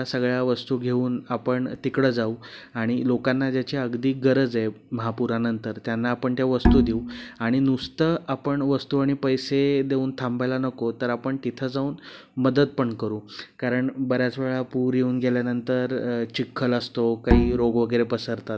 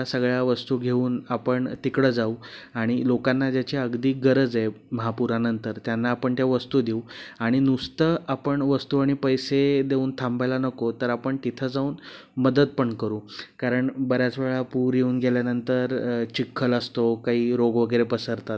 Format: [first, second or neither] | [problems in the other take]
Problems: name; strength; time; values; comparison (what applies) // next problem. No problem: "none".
second | background sound (Bowed string instrument); 1 dB above the speech